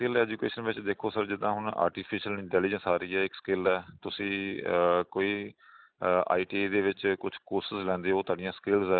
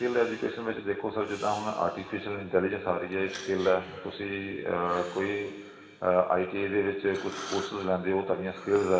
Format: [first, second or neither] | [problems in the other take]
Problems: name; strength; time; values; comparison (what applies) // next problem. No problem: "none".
first | background sound (Breathing); 18 dB below the speech // room echo; dies away in 2.2 s